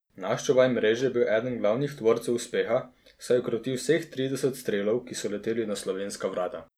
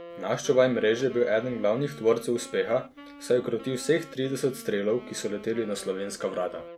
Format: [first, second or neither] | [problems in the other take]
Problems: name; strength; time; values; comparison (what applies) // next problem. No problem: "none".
first | background sound (Wind instrument, woodwind instrument); 18 dB below the speech